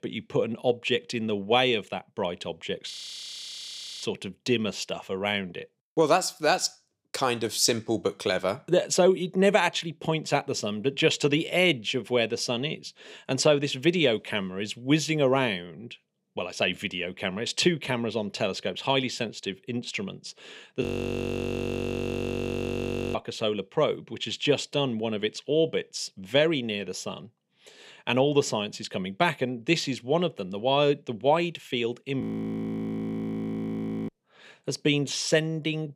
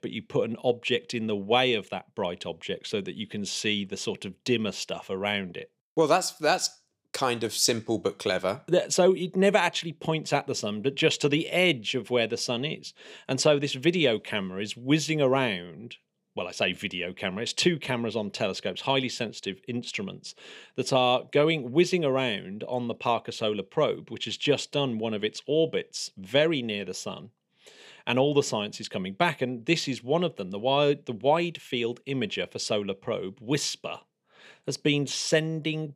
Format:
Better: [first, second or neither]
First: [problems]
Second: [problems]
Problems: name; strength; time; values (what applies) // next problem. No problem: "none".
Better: second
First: audio freezing; at 3 s for 1 s, at 21 s for 2.5 s and at 32 s for 2 s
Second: none